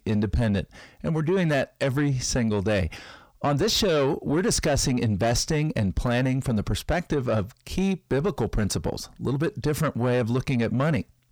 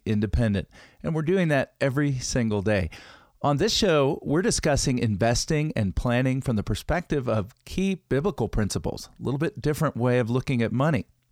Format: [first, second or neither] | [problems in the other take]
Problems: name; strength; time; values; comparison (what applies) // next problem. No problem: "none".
second | distortion; slight; 10 dB below the speech